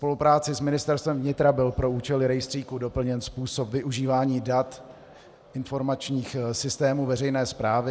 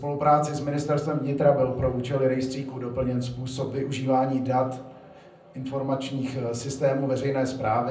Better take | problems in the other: first | room echo; dies away in 0.6 s

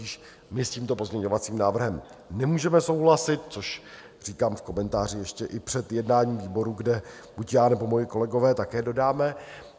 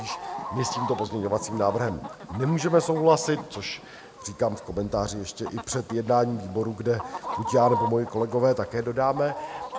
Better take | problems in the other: first | background sound (Chicken, rooster); 10 dB below the speech

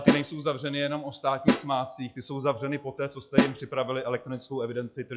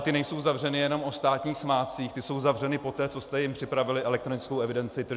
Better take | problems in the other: second | noise reduction (classical method log-MMSE)

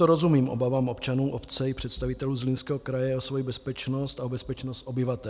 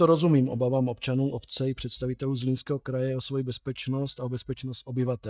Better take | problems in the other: first | noise reduction (neural mask model DeepFilterNet 3)

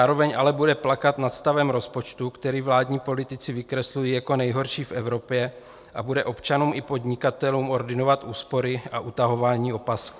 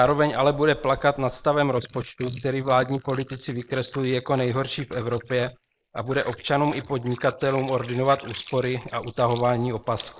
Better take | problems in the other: first | noise reduction (neural mask model Resemble Enhance denoiser)

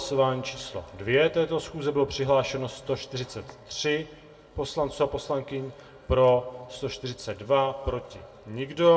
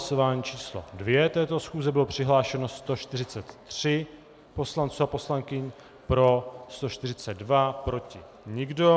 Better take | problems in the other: second | room echo; dies away in 0.9 s

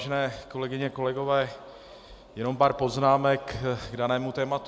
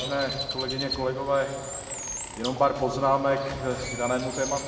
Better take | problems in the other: first | background sound (Bird); 8 dB below the speech // room echo; dies away in 1.8 s

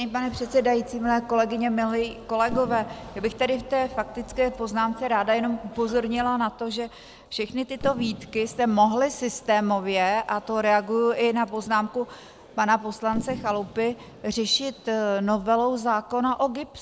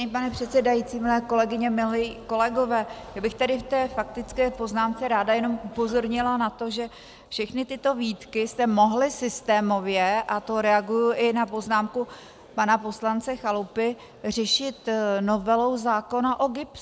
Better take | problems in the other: second | background sound (Fireworks); 19 dB below the speech

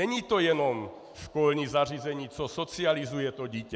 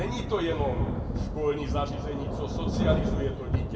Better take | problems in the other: first | background sound (Thunder / Rain); 3 dB above the speech // room echo; dies away in 1.5 s

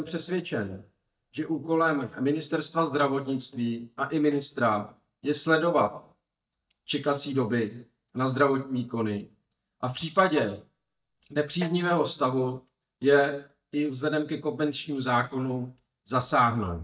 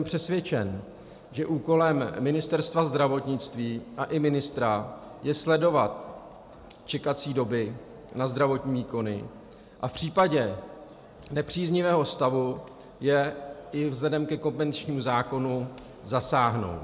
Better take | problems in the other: second | noise reduction (neural mask model DeepFilterNet 3)

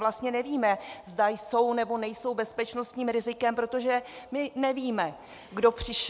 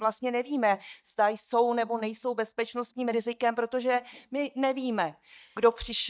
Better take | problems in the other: first | noise reduction (neural mask model DeepFilterNet 3)

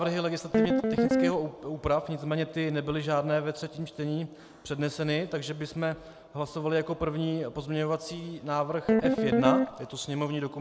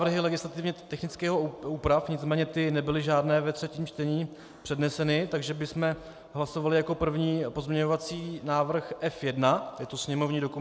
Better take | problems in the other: second | background sound (Guitar); 5 dB above the speech

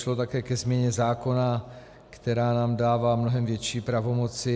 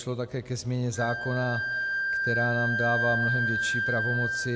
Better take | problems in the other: first | background sound (Wind instrument, woodwind instrument); as loud as the speech

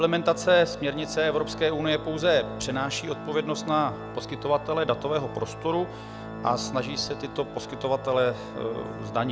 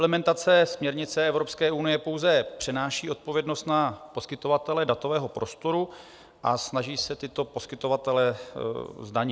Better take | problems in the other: second | background sound (Organ); 10 dB below the speech

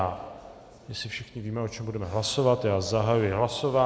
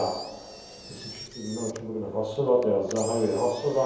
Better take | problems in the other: first | background sound (Engine); 15 dB below the speech // room echo; dies away in 0.7 s

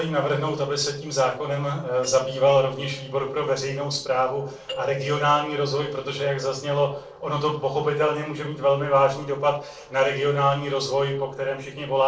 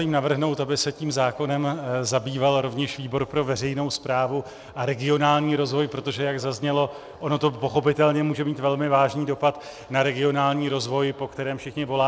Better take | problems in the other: second | noise reduction (neural separator model SepFormer DNS4)

